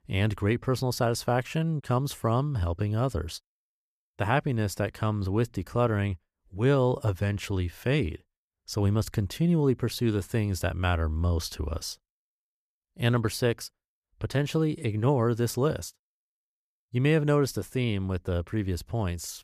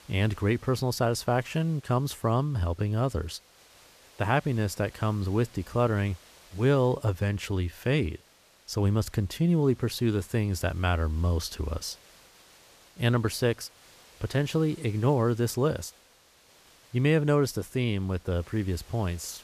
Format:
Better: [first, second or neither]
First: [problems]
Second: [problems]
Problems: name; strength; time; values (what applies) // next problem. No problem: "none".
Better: first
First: none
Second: hiss; faint; throughout; 25 dB below the speech